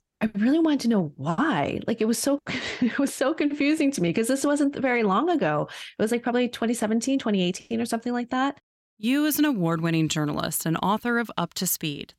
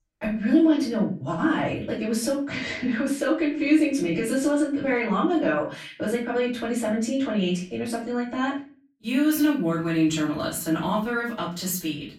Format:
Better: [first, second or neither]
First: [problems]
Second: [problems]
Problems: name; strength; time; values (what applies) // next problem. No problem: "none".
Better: first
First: none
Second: room echo; slight; dies away in 0.3 s // off-mic speech; far